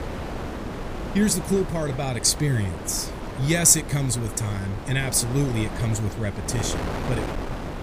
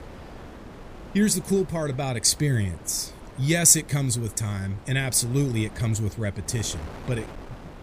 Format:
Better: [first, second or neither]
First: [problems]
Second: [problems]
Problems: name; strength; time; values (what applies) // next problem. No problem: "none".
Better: second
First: wind noise on the microphone; heavy; 8 dB below the speech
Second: wind noise on the microphone; occasional gusts; 20 dB below the speech